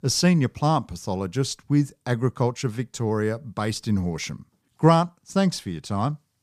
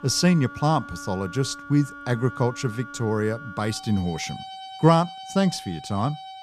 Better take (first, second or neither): first